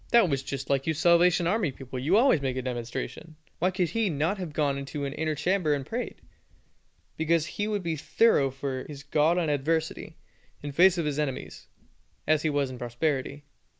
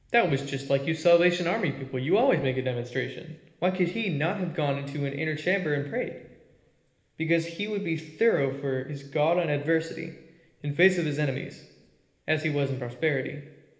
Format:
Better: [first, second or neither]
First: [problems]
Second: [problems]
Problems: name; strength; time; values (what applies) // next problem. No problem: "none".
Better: first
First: none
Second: room echo; dies away in 1.1 s